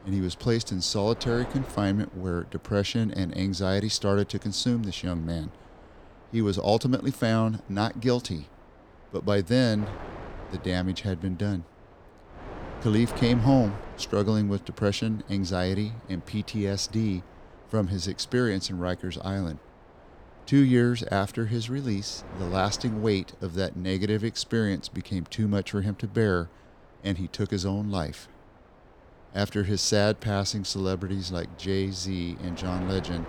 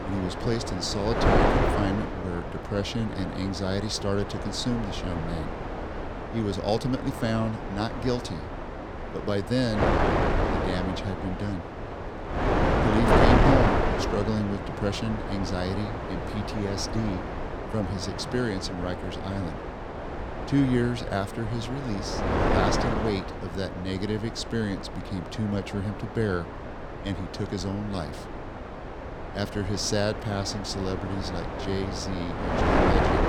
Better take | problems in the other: first | wind noise on the microphone; heavy; 2 dB above the speech; occasional gusts in the first

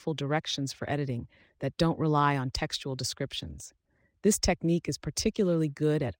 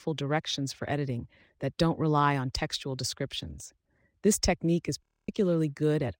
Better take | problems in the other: first | audio freezing; at 5 s

